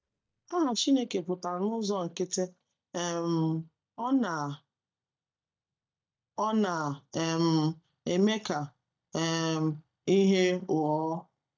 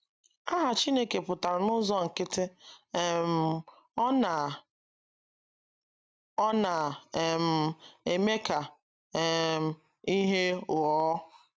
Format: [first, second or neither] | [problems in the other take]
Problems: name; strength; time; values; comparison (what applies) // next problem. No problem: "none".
second | noise reduction (neural mask model DeepFilterNet 3)